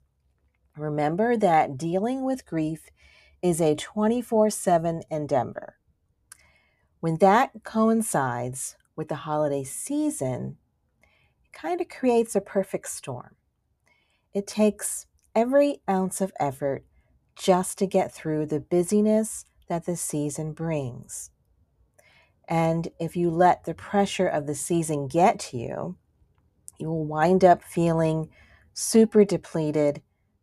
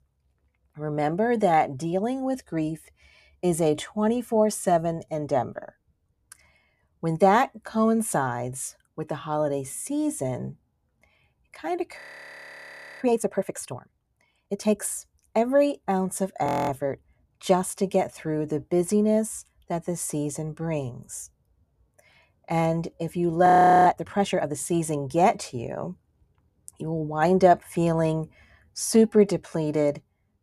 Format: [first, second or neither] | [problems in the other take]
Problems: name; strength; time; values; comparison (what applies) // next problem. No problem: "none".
first | audio freezing; at 12 s for 1 s, at 16 s and at 23 s